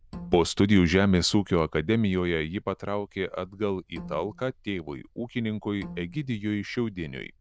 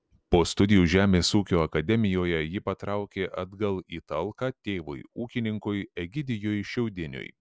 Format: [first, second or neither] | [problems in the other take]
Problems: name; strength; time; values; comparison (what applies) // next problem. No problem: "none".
second | noise reduction (neural diffusion model UNIVERSE++)